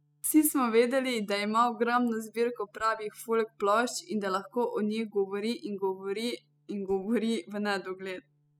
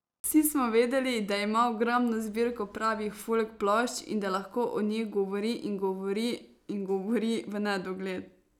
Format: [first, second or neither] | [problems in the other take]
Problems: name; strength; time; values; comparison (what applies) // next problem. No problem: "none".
second | noise reduction (classical method spectral subtraction)